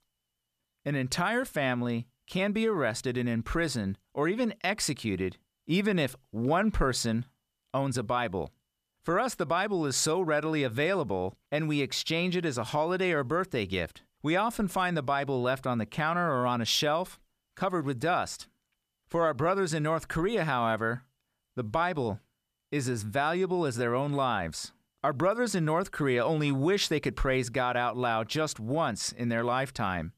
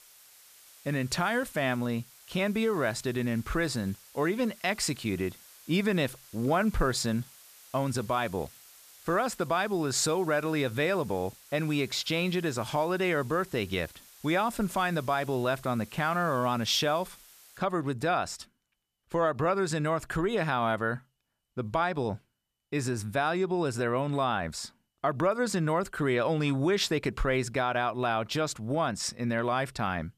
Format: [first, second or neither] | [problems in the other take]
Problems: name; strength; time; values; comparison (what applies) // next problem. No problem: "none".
first | hiss; faint; until 18 s; 20 dB below the speech